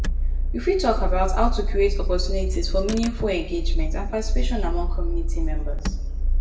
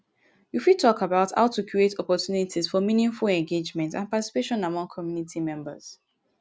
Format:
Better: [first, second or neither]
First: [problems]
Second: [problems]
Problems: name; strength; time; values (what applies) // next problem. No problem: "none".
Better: second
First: background sound (Engine / Car); 5 dB above the speech // room echo; dies away in 0.6 s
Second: none